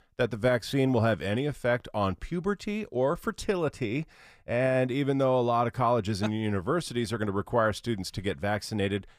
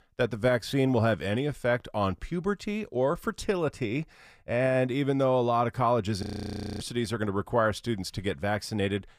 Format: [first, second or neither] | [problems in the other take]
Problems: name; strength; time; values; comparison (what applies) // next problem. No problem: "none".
first | audio freezing; at 6 s for 0.5 s